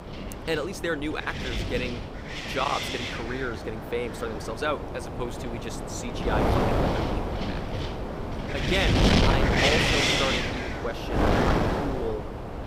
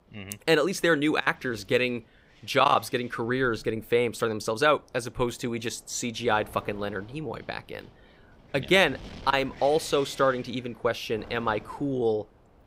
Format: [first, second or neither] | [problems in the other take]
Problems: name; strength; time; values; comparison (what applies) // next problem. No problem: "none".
second | wind noise on the microphone; heavy; 4 dB above the speech; occasional gusts in the second